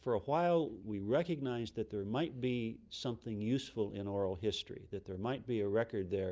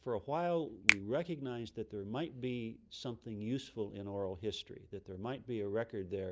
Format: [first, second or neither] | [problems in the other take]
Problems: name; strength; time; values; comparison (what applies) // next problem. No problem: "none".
first | background sound (Finger snapping); 1 dB above the speech